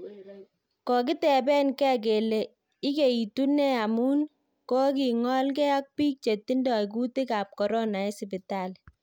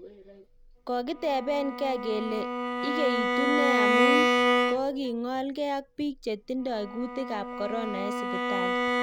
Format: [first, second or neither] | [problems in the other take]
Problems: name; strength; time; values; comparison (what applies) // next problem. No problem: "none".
first | background sound (Bowed string instrument); 3 dB above the speech